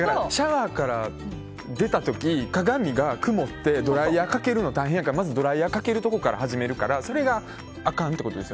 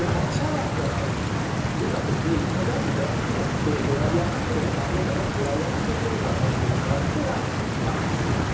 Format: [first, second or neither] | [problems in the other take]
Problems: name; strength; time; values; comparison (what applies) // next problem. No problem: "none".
first | background sound (Stream); 5 dB above the speech // room echo; dies away in 0.6 s